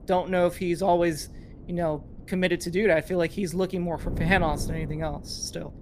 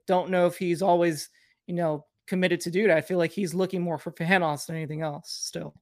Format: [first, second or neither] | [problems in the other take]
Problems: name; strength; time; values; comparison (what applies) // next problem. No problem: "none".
second | wind noise on the microphone; occasional gusts; 20 dB below the speech